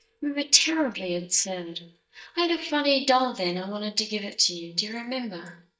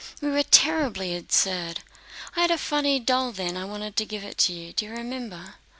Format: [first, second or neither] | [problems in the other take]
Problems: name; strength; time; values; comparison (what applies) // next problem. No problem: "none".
second | noise reduction (neural mask model DeepFilterNet 3)